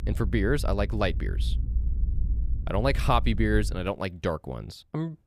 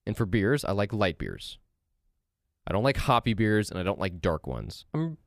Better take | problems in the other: second | low rumble; faint; until 4 s; 20 dB below the speech

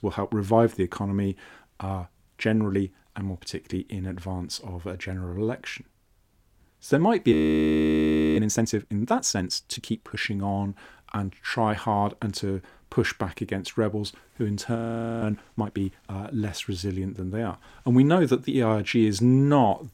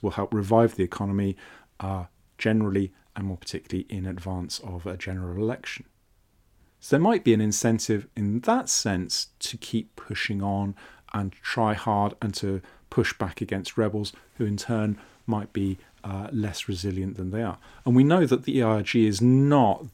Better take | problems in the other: second | audio freezing; at 7.5 s for 1 s and at 15 s

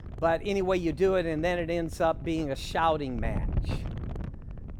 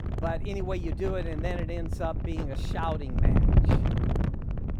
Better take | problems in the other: first | wind noise on the microphone; heavy; 3 dB below the speech; occasional gusts in the first

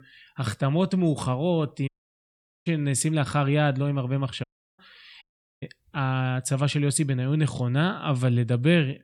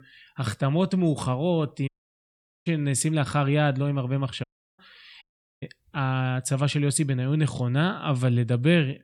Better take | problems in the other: neither | audio cutting out; at 2 s for 1 s, at 4.5 s and at 5 s; the same in both

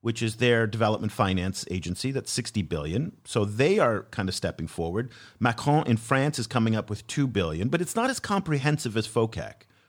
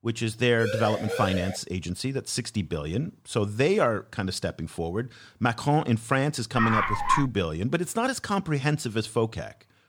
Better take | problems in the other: first | siren; noticeable; at 0.5 s; peak 3 dB below the speech // dog barking; loud; at 6.5 s; peak 3 dB above the speech

